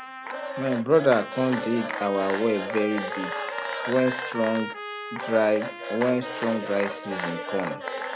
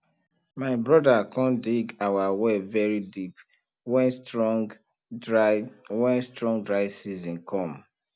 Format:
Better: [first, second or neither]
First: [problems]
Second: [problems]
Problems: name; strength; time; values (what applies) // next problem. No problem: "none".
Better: second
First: background sound (Trumpet + Applause / Cheering / Clapping); 6 dB below the speech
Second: none